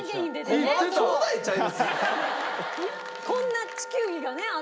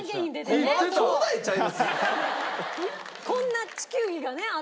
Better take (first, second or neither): second